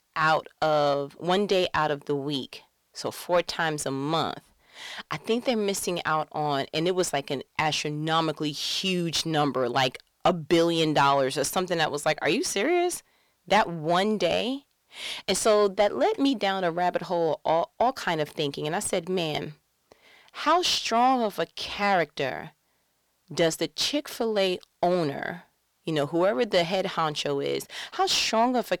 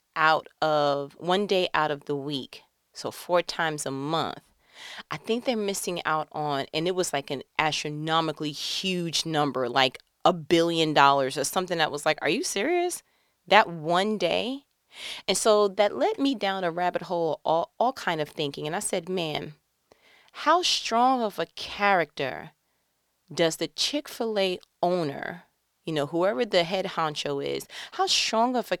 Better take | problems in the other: second | distortion; slight; 10 dB below the speech

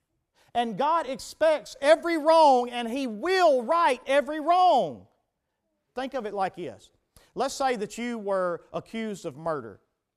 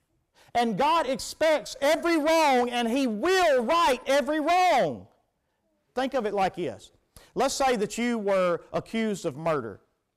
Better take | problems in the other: first | distortion; heavy; 15% of the sound clipped

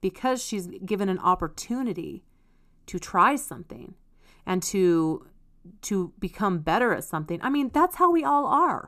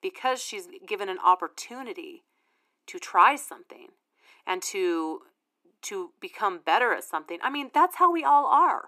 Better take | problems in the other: first | thin; very; fading below 350 Hz

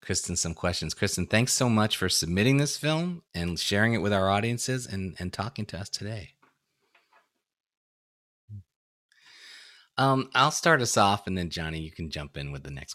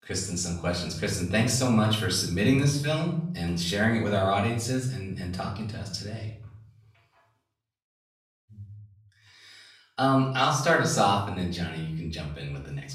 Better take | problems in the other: first | room echo; slight; dies away in 0.8 s // off-mic speech; far

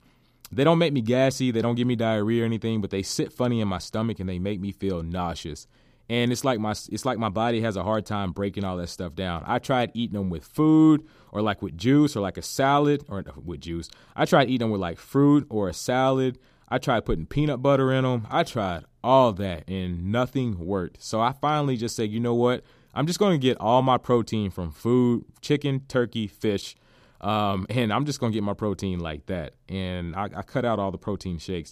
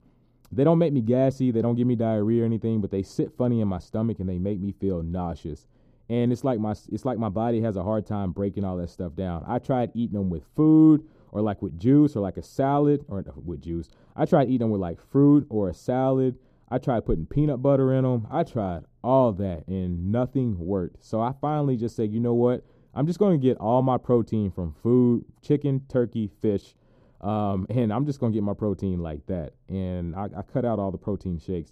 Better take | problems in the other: first | muffled; slightly; fading above 1 kHz

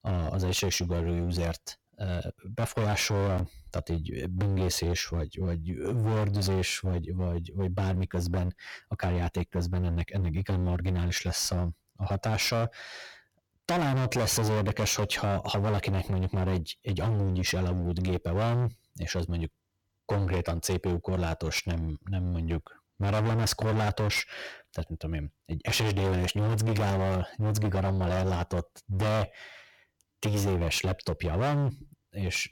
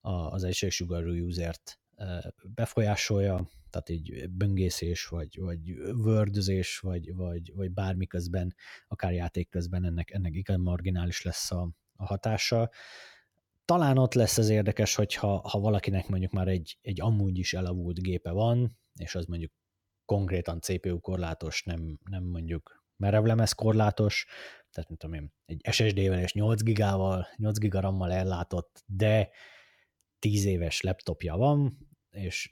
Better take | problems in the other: second | distortion; heavy; 23% of the sound clipped

